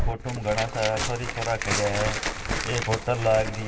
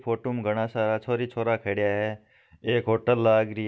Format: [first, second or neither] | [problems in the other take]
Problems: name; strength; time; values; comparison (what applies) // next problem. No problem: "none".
second | background sound (Tearing); 2 dB below the speech // room echo; dies away in 1.5 s